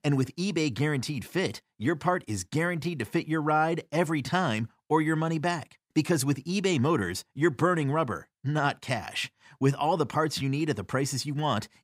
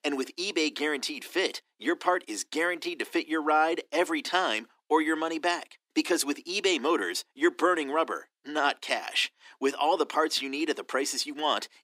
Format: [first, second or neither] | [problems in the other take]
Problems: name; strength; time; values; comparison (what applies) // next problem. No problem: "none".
first | thin; somewhat; fading below 300 Hz